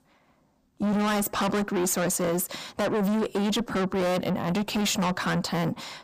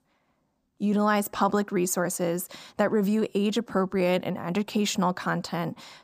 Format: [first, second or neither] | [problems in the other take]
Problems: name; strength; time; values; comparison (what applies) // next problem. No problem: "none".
second | distortion; heavy; 6 dB below the speech